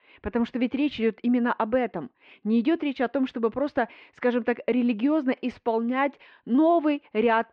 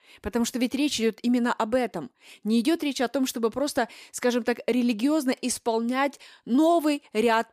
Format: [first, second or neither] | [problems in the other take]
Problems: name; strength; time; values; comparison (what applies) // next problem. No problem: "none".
second | muffled; very; fading above 2.5 kHz